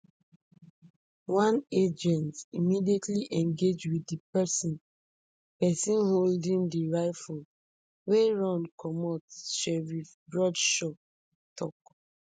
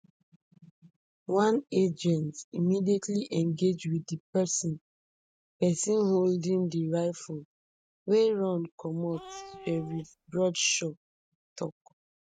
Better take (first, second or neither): first